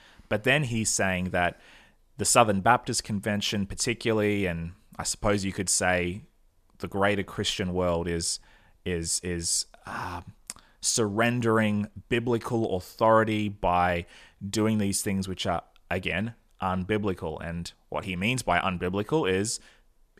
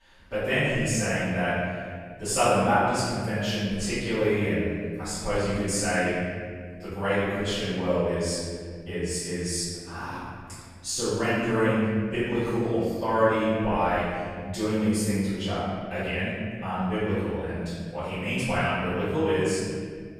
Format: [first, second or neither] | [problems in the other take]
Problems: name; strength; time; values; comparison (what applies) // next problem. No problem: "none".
first | room echo; strong; dies away in 1.9 s // off-mic speech; far